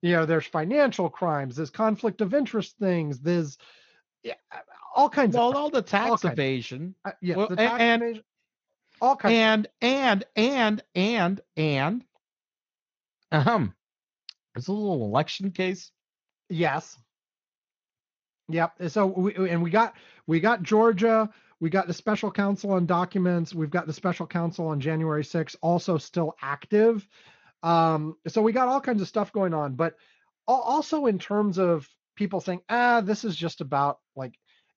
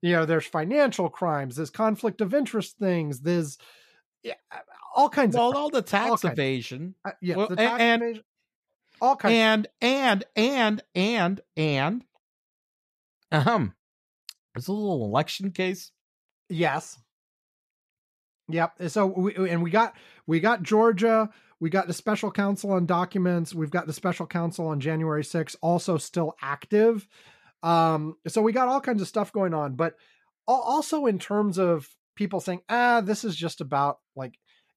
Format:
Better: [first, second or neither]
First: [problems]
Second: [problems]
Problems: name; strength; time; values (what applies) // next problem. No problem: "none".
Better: second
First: garbled, watery; slightly; nothing above 6.5 kHz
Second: none